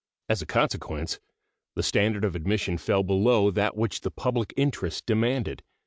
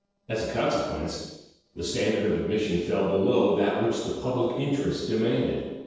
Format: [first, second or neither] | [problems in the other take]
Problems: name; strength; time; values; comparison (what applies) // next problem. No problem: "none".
first | noise reduction (neural separator model SepFormer DNS4)